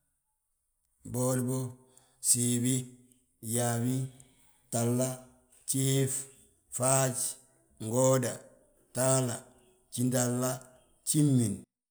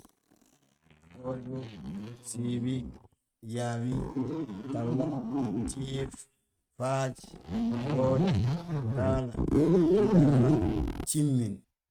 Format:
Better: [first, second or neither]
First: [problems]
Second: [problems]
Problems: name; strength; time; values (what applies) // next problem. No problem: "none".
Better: first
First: none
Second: noise reduction (neural mask model RNNoise)